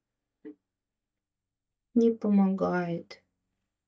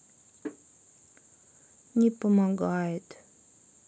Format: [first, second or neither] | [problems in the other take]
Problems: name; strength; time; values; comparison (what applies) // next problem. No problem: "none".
second | noise reduction (neural mask model DeepFilterNet 3)